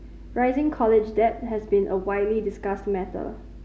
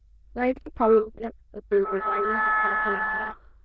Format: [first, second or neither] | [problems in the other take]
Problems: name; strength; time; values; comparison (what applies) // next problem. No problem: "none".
first | noise reduction (neural diffusion model UNIVERSE++)